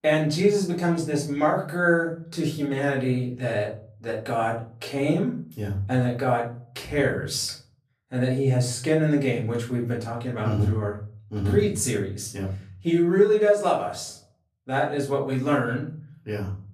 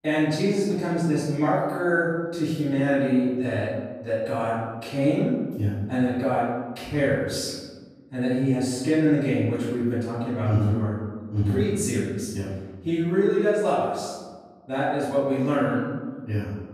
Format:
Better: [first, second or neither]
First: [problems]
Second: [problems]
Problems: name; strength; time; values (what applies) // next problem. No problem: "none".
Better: first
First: room echo; slight; dies away in 0.4 s // off-mic speech; far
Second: room echo; strong; dies away in 1.4 s // off-mic speech; far